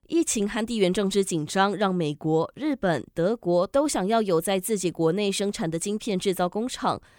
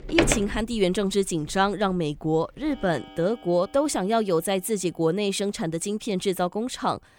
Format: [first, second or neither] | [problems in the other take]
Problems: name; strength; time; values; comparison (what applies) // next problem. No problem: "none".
first | household noises; loud; throughout; 6 dB below the speech